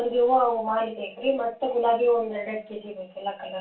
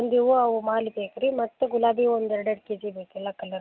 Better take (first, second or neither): second